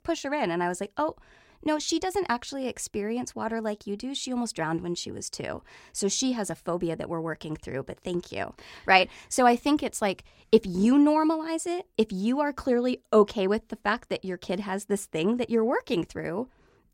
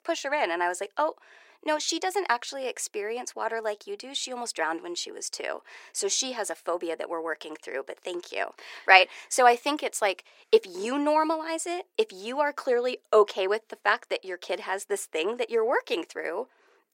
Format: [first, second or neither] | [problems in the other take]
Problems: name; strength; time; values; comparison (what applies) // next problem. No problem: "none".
first | thin; very; fading below 400 Hz